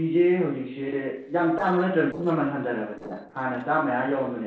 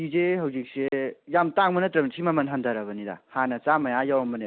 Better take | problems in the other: second | noise reduction (neural separator model SepFormer DNS4)

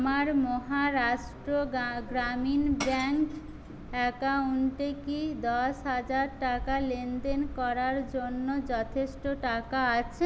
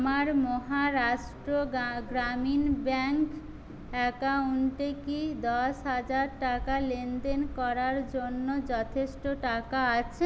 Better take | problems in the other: second | background sound (Shatter / Crushing); 17 dB below the speech

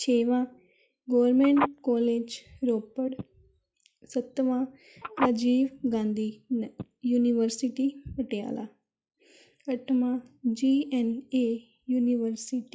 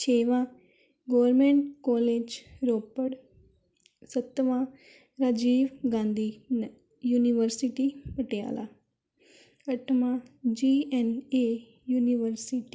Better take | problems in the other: second | noise reduction (classical method log-MMSE)

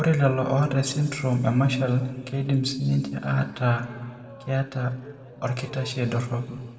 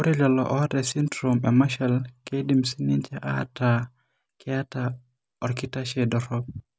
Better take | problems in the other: second | noise reduction (neural separator model SepFormer DNS4)

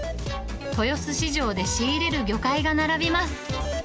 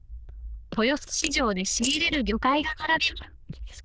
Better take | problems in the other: first | noise reduction (neural diffusion model UNIVERSE++)

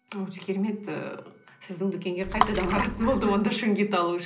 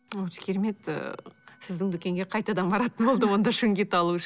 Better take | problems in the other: second | background sound (Water / Splash, splatter); 3 dB below the speech // room echo; dies away in 0.5 s

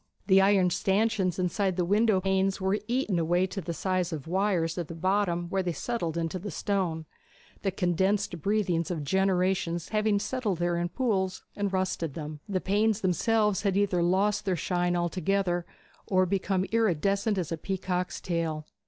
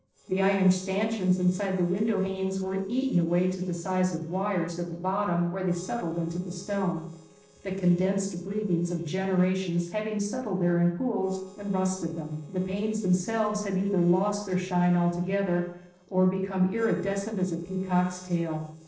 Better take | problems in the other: first | noise reduction (neural separator model SepFormer DNS4)

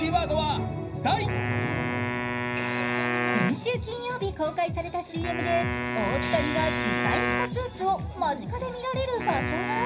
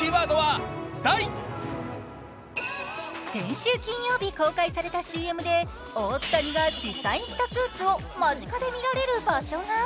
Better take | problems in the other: second | background sound (Wind instrument, woodwind instrument); 3 dB below the speech // room echo; dies away in 0.5 s

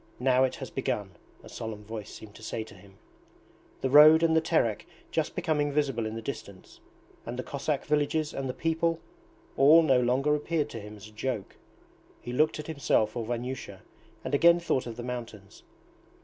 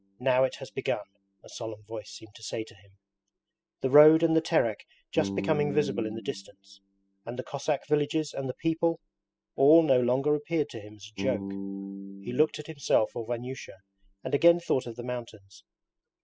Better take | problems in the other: first | noise reduction (classical method spectral subtraction)

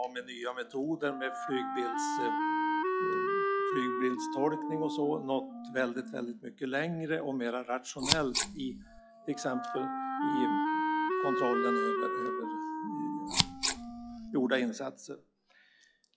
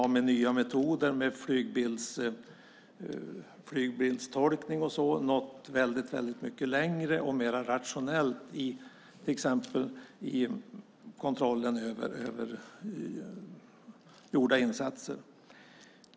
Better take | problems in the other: second | noise reduction (classical method log-MMSE)

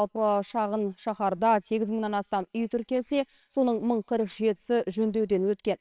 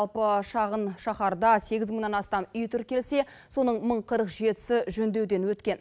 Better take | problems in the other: second | noise reduction (neural separator model SepFormer WHAMR!)

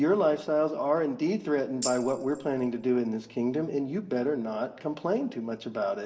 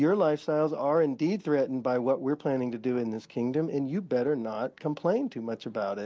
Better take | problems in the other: second | background sound (Tambourine); 12 dB below the speech // room echo; dies away in 0.7 s

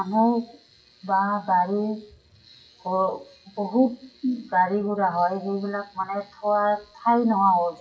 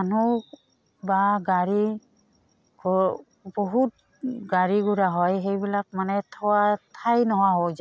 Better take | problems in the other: second | noise reduction (classical method WPE with log-MMSE)

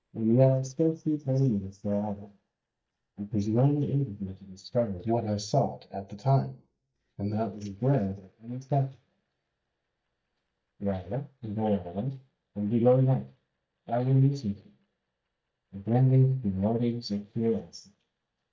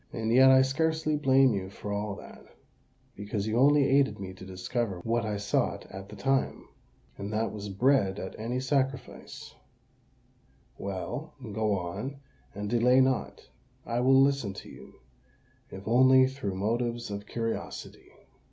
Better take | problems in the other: second | noise reduction (neural mask model DeepFilterNet 3)

